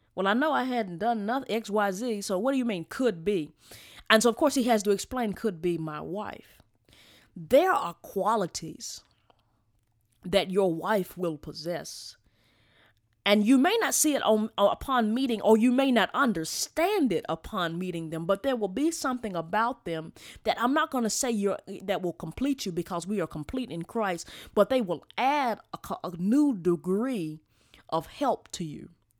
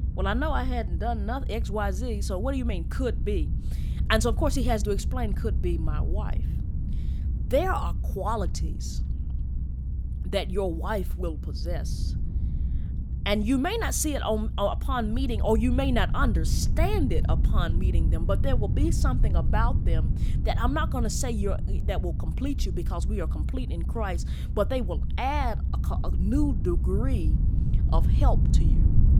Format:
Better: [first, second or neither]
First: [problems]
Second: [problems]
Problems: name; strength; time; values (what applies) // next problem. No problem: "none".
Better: first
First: none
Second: low rumble; noticeable; throughout; 15 dB below the speech